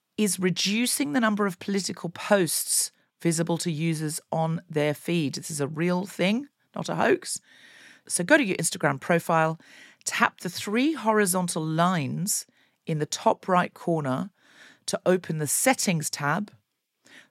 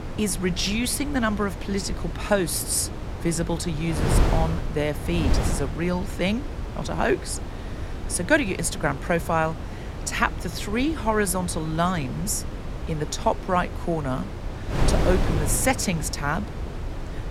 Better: first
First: none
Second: wind noise on the microphone; heavy; 9 dB below the speech

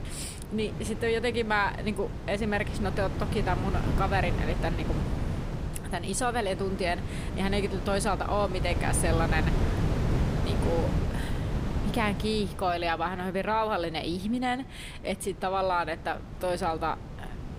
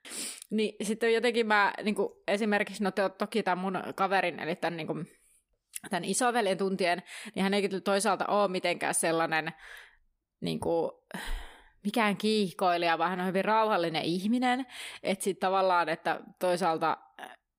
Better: second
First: wind noise on the microphone; heavy; 9 dB below the speech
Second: none

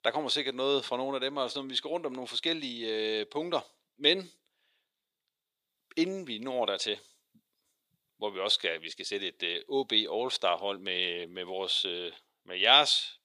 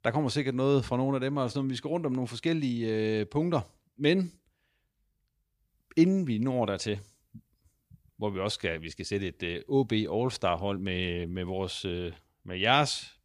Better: second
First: thin; somewhat; fading below 500 Hz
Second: none

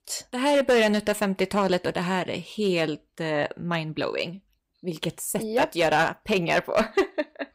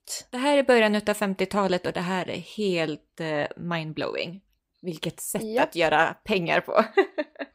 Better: second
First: distortion; slight; 3% of the sound clipped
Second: none

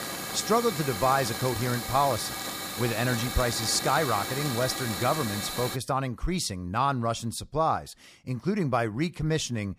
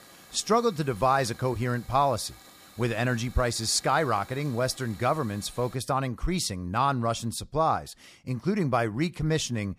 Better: second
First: hiss; loud; until 6 s; 4 dB below the speech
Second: hiss; faint; until 6 s; 20 dB below the speech

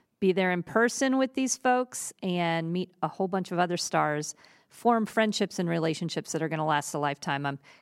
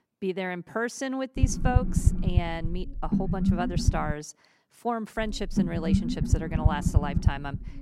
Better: first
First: none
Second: low rumble; loud; from 1.5 to 4 s and from 5 s on; 5 dB below the speech

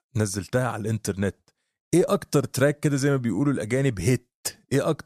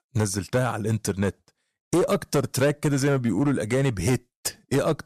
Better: first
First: none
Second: distortion; slight; 9% of the sound clipped

